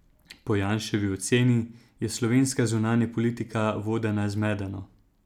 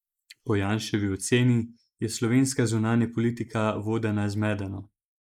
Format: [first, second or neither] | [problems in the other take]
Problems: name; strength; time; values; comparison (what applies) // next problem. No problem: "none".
first | noise reduction (neural mask model Resemble Enhance denoiser)